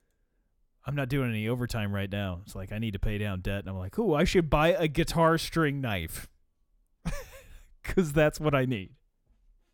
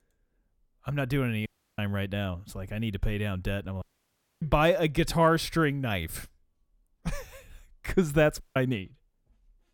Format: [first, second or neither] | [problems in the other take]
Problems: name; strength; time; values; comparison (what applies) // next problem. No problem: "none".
first | audio cutting out; at 1.5 s, at 4 s for 0.5 s and at 8.5 s